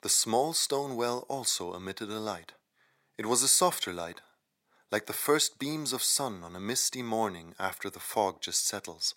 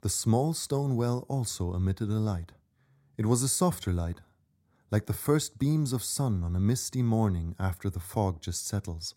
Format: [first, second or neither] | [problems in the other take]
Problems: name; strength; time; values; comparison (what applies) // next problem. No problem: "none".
second | thin; very; fading below 500 Hz